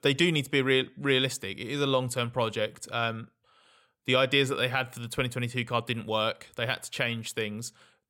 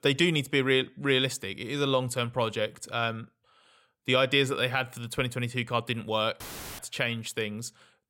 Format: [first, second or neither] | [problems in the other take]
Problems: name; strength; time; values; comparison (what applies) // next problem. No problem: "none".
first | audio cutting out; filled with static; at 6.5 s